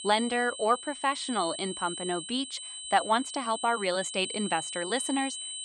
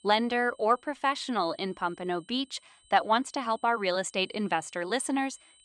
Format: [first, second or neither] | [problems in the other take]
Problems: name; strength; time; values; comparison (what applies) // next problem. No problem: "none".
second | high-pitched whine; loud; throughout; 8 kHz, 7 dB below the speech; faint in the second